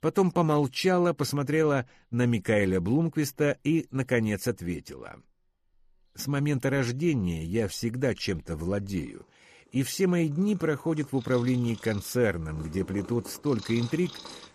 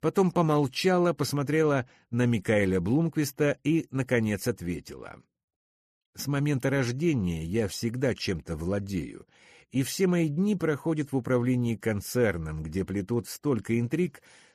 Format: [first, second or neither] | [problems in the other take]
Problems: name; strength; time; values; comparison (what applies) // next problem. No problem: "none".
second | animal sounds; noticeable; throughout; 20 dB below the speech